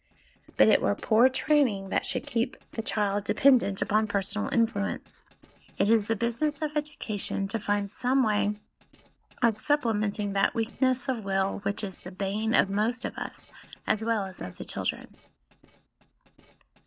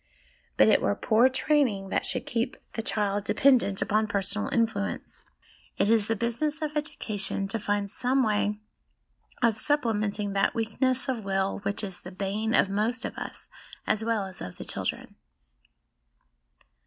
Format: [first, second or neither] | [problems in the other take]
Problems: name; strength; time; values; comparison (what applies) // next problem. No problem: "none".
second | noise reduction (neural separator model SepFormer DNS4)